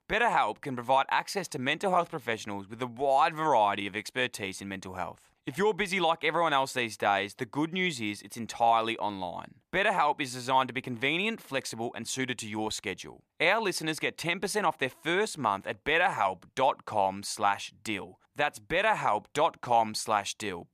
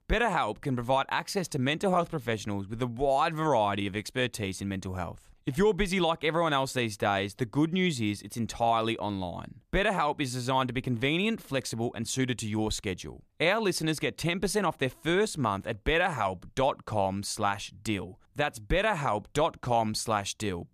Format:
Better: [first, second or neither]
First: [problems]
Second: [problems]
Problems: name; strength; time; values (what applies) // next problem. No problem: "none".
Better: second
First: thin; somewhat; fading below 550 Hz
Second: none